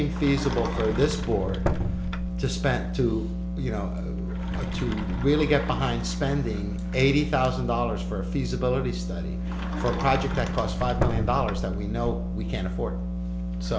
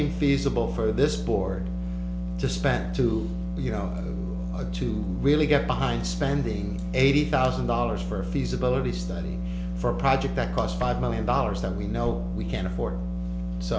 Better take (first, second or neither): second